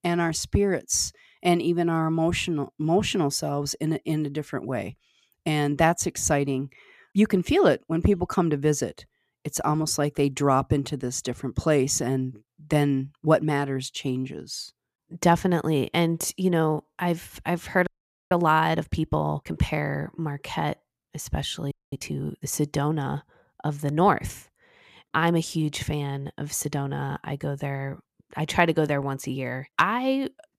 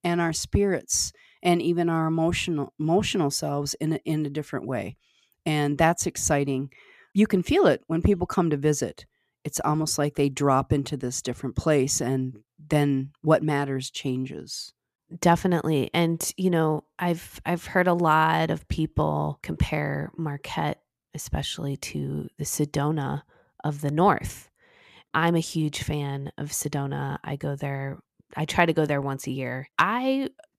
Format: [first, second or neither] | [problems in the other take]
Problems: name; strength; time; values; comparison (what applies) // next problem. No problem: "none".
second | audio freezing; at 18 s and at 22 s